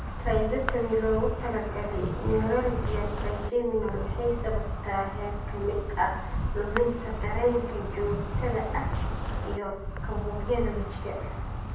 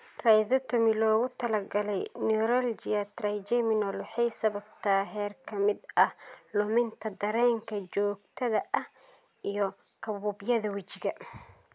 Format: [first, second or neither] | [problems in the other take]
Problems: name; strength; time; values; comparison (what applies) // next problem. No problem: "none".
second | background sound (Insect); 1 dB below the speech // room echo; dies away in 0.8 s